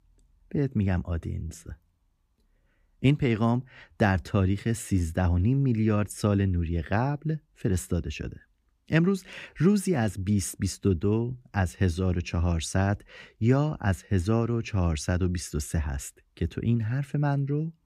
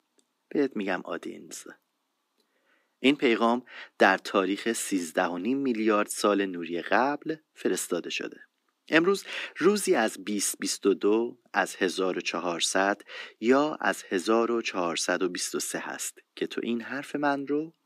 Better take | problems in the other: first | thin; somewhat; fading below 250 Hz

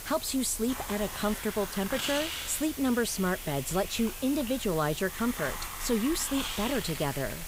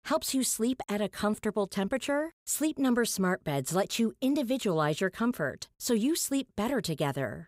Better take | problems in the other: second | hiss; loud; throughout; 6 dB below the speech

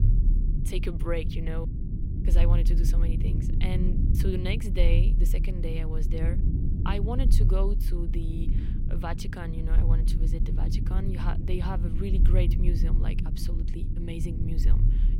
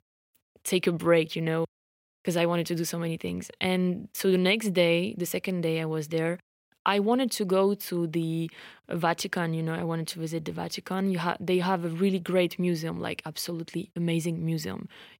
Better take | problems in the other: second | low rumble; loud; throughout; 4 dB below the speech

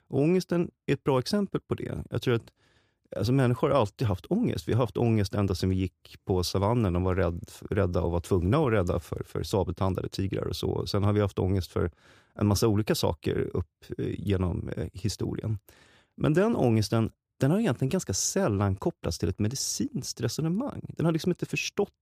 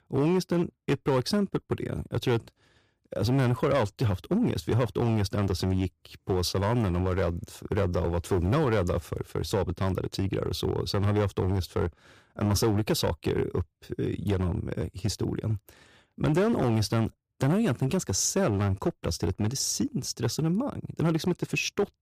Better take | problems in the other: first | distortion; slight; 6% of the sound clipped

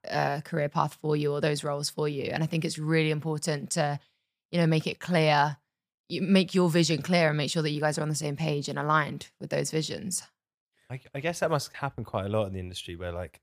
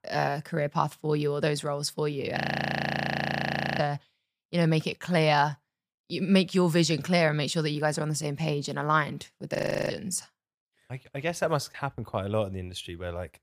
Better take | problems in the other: first | audio freezing; at 2.5 s for 1.5 s and at 9.5 s

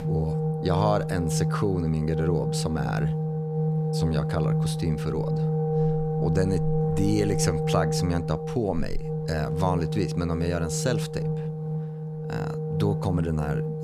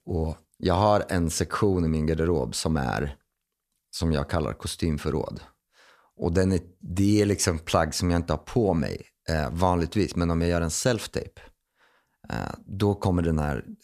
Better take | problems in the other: second | background music; very loud; throughout; 1 dB above the speech

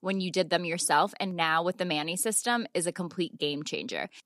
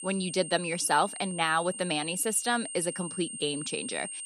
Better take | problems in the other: first | high-pitched whine; loud; throughout; 8.5 kHz, 8 dB below the speech

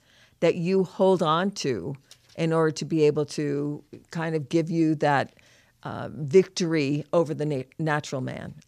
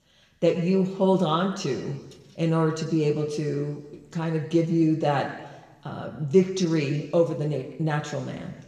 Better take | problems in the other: first | room echo; slight; dies away in 1.2 s // off-mic speech; somewhat distant

